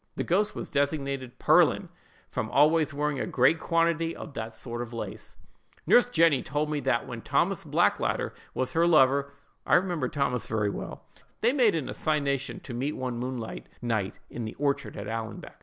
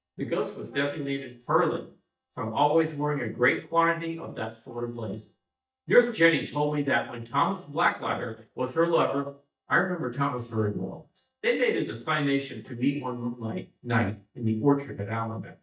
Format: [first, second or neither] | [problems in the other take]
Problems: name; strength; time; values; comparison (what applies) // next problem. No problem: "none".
first | noise reduction (neural mask model DeepFilterNet 3)